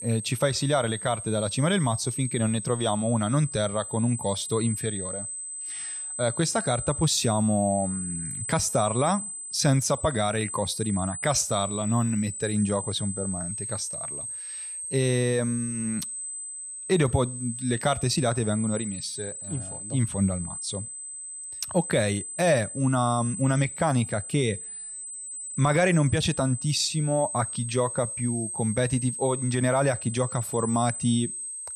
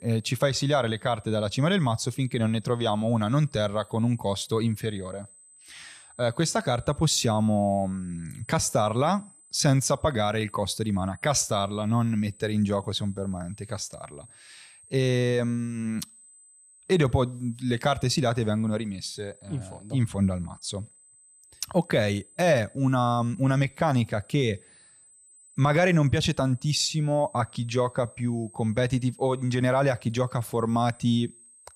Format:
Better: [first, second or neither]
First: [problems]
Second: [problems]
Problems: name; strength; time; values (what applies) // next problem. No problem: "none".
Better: second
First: high-pitched whine; loud; throughout; 8 kHz, 6 dB below the speech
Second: high-pitched whine; faint; throughout; 8 kHz, 25 dB below the speech